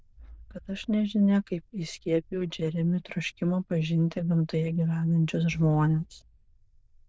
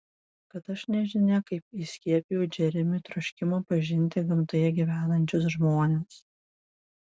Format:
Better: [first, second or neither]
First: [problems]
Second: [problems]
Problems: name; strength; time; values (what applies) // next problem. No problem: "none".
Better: second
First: noise reduction (neural diffusion model UNIVERSE++)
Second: none